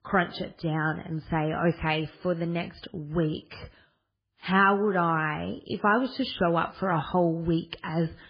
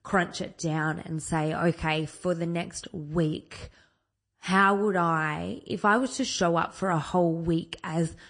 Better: second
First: garbled, watery; badly; nothing above 4.5 kHz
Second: garbled, watery; slightly; nothing above 9 kHz

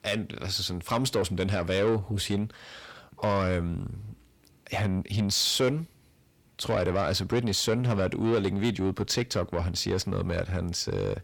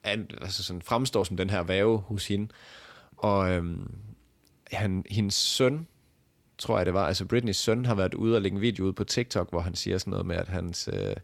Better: second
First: distortion; slight; 10 dB below the speech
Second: none

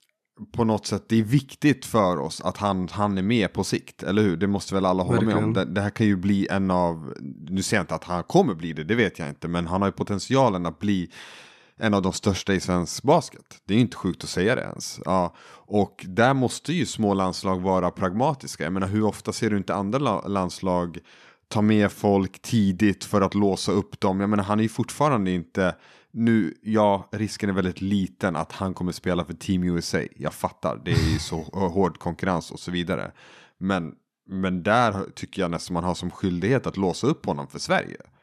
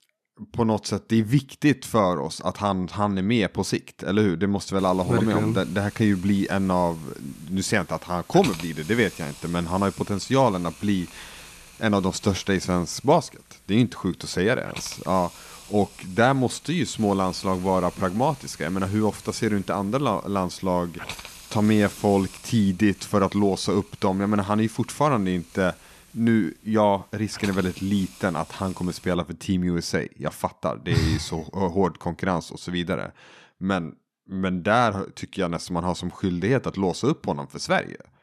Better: first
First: none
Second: hiss; noticeable; from 5 to 29 s; 20 dB below the speech

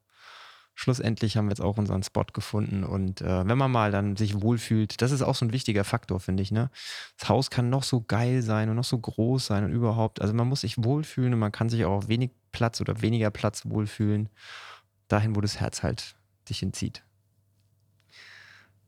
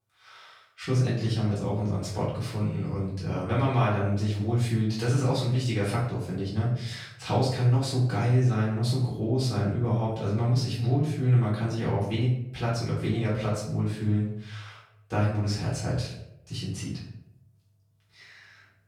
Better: first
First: none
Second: off-mic speech; far // room echo; noticeable; dies away in 0.6 s

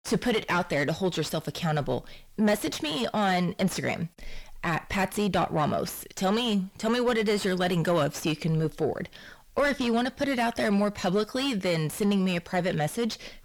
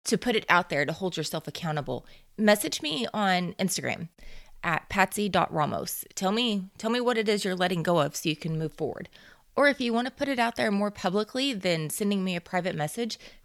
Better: second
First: distortion; heavy; 7 dB below the speech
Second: none

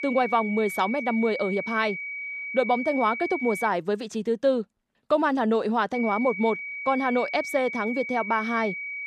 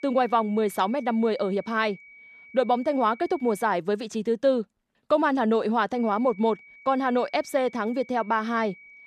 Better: second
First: high-pitched whine; loud; until 3.5 s and from 6 s on; 2.5 kHz, 7 dB below the speech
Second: high-pitched whine; faint; until 3.5 s and from 6 s on; 2.5 kHz, 25 dB below the speech

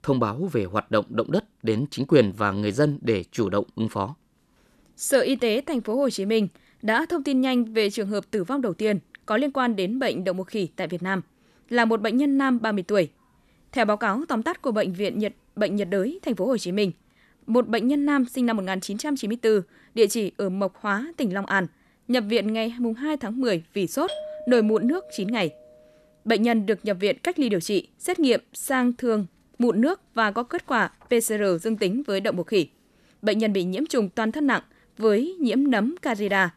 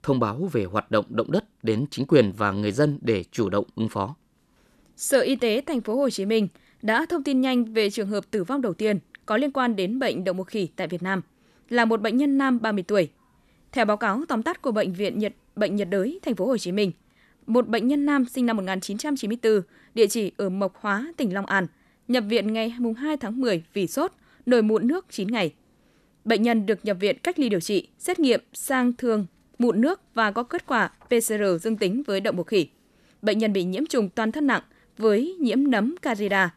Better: second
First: doorbell; noticeable; from 24 to 26 s; peak 9 dB below the speech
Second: none

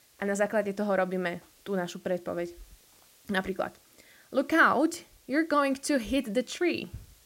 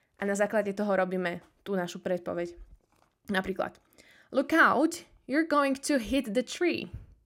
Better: second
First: hiss; faint; throughout; 30 dB below the speech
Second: none

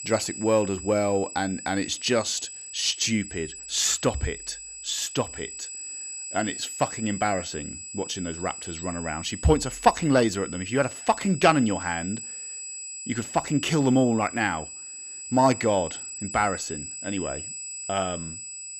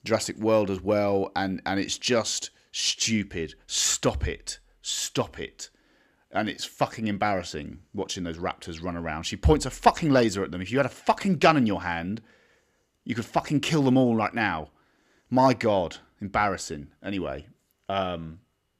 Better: second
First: high-pitched whine; loud; throughout; 8 kHz, 9 dB below the speech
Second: none

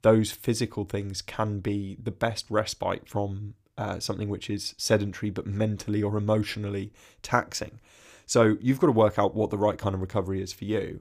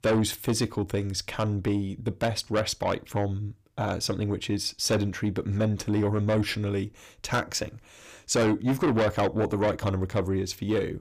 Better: first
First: none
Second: distortion; heavy; 7 dB below the speech

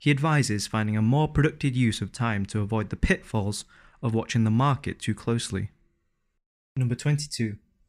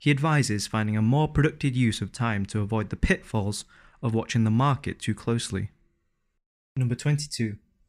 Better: neither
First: none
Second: none

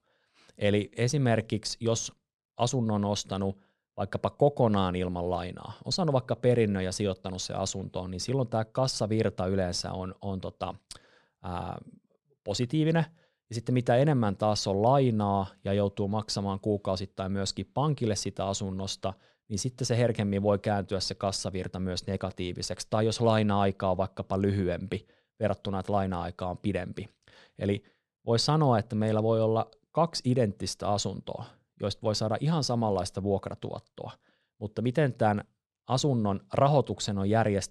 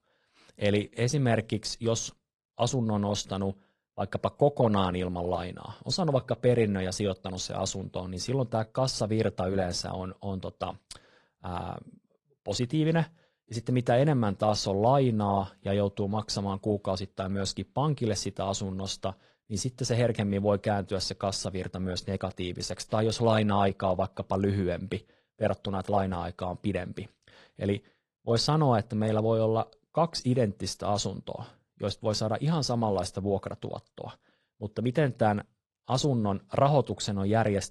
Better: first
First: none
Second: garbled, watery; slightly

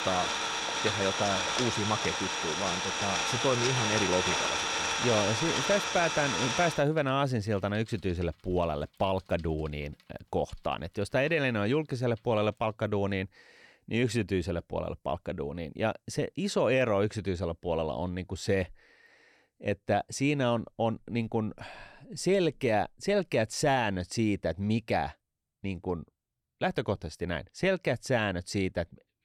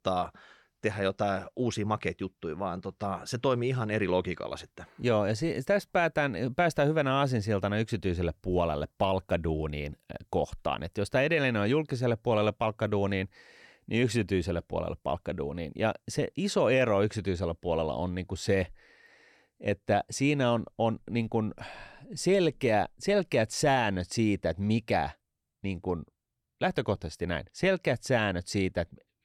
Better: second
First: traffic noise; very loud; until 13 s; 1 dB above the speech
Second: none

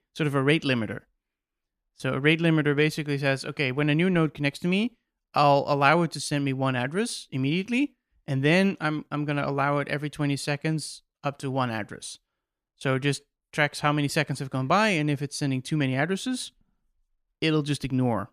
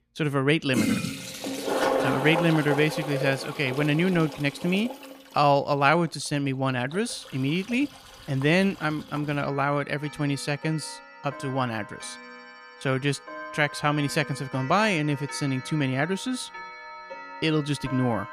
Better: first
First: none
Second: household noises; loud; throughout; 8 dB below the speech

